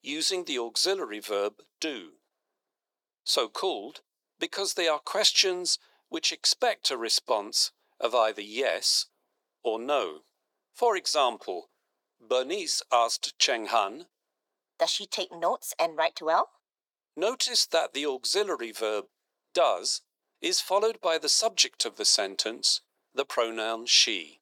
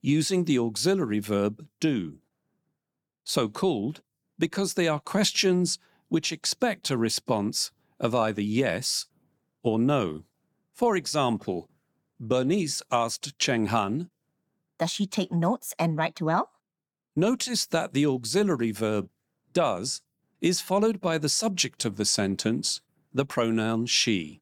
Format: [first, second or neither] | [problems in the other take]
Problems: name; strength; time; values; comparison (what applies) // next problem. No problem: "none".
second | thin; very; fading below 400 Hz